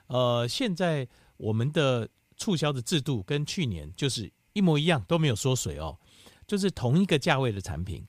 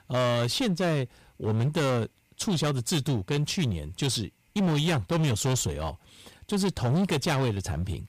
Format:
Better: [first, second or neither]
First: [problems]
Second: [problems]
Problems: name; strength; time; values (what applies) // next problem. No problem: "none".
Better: first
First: none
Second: distortion; heavy; 18% of the sound clipped